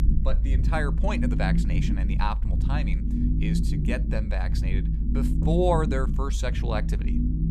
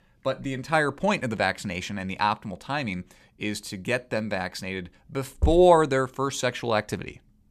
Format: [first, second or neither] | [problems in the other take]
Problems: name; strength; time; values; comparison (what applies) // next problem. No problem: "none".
second | low rumble; loud; throughout; 7 dB below the speech